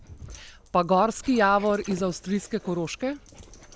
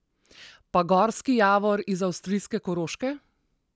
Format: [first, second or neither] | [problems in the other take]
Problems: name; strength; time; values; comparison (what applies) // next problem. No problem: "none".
second | background sound (Dog); 19 dB below the speech